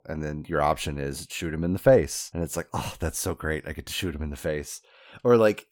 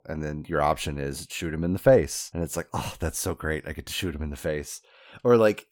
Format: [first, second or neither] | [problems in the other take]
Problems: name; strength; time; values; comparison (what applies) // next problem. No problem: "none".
neither | none